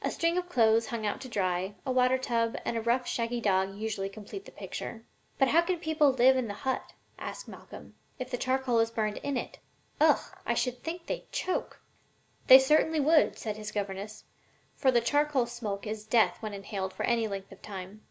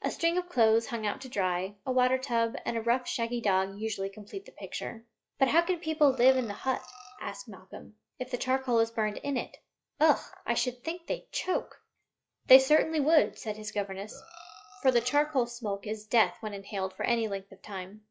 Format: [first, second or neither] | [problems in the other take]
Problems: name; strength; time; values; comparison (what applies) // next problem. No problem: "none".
first | noise reduction (classical method log-MMSE)